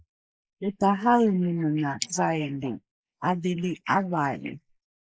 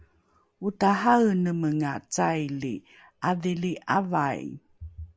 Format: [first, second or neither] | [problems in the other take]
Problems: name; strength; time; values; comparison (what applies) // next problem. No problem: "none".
second | noise reduction (neural mask model Resemble Enhance denoiser)